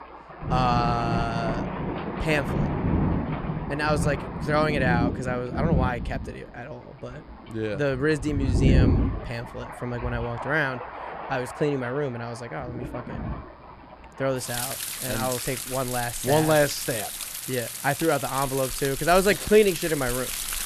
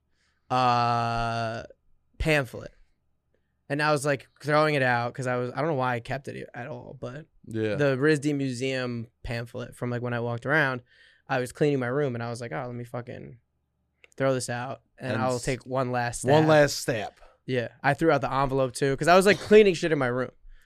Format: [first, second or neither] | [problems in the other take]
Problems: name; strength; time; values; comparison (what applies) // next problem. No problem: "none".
second | rain or running water; loud; throughout; 3 dB below the speech